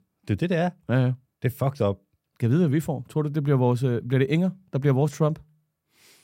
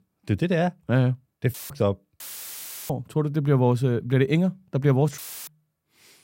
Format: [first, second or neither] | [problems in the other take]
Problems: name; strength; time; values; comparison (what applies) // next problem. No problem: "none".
first | audio cutting out; filled with static; at 1.5 s, at 2 s for 0.5 s and at 5 s